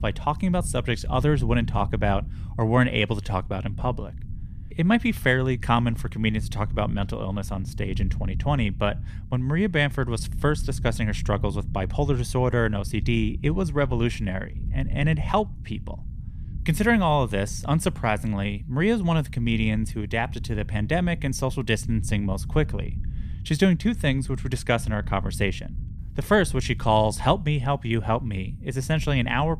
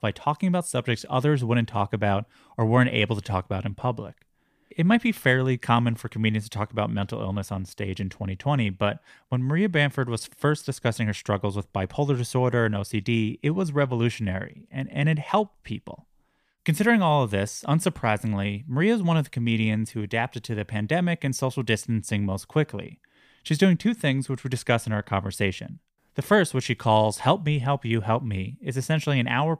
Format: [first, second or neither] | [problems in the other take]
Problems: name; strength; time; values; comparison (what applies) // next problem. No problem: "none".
second | low rumble; faint; throughout; 20 dB below the speech